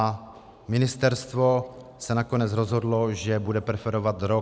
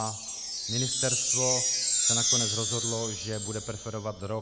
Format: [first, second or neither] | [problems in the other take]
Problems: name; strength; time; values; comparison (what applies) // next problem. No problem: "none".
first | background sound (Chime); 5 dB above the speech